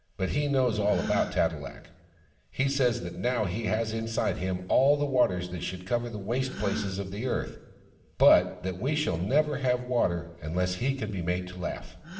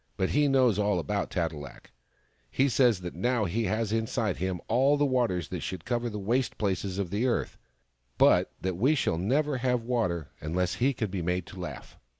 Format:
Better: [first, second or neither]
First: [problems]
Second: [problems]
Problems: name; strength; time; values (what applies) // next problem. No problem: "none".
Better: second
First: background sound (Gasp); 18 dB below the speech // room echo; dies away in 0.9 s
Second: none